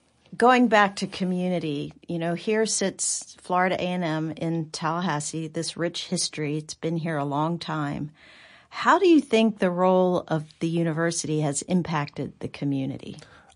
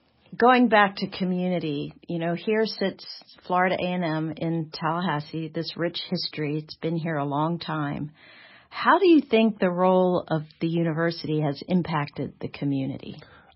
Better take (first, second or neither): first